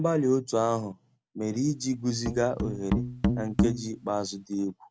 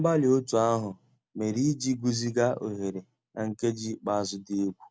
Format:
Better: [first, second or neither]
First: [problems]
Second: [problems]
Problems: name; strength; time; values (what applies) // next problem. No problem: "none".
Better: second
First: background sound (Musical instrument); 1 dB below the speech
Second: none